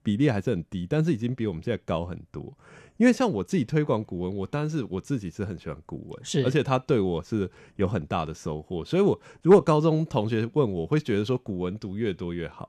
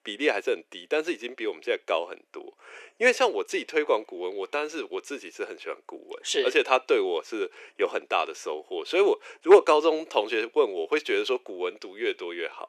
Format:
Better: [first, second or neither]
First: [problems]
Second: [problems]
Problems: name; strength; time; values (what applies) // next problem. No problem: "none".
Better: first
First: none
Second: thin; very; fading below 350 Hz